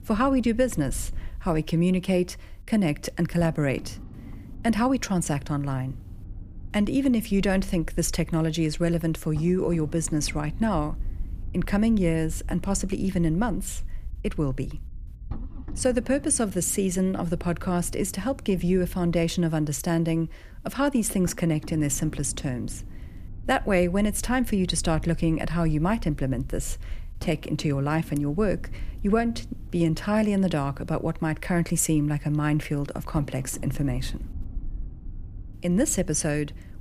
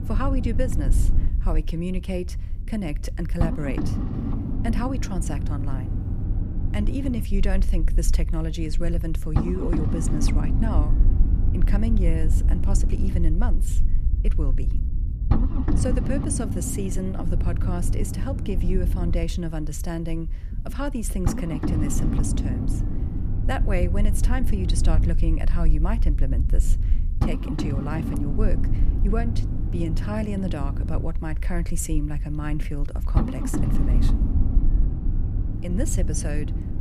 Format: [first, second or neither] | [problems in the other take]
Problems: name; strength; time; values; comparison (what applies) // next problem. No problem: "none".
first | low rumble; loud; throughout; 4 dB below the speech; faint in the first